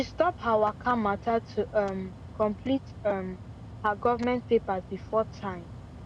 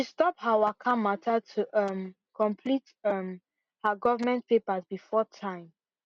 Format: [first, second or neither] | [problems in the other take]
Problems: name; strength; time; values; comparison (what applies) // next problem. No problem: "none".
second | background sound (Mechanical fan); 14 dB below the speech